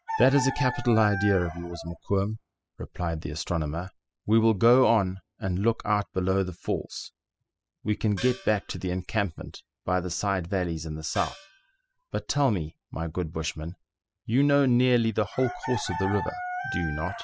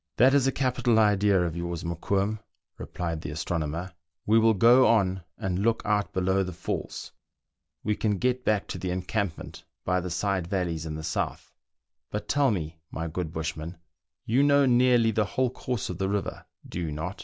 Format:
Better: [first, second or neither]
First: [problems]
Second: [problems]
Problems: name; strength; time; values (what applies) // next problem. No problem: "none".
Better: second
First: noise reduction (classical method spectral subtraction)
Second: none